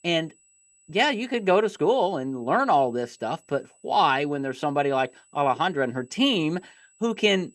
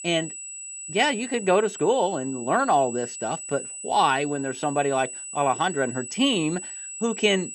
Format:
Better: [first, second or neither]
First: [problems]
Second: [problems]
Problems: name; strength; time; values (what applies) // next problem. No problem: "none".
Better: first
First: high-pitched whine; faint; throughout; 8 kHz, 35 dB below the speech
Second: high-pitched whine; loud; throughout; 8 kHz, 10 dB below the speech